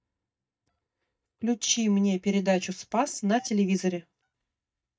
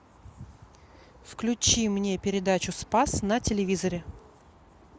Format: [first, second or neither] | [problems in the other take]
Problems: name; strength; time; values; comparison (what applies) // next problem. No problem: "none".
second | noise reduction (neural mask model DeepFilterNet 3)